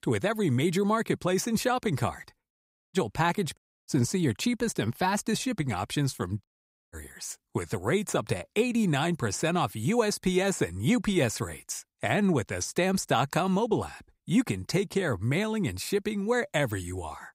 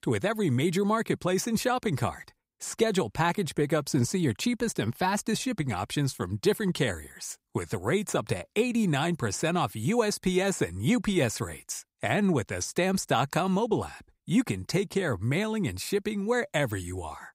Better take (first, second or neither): second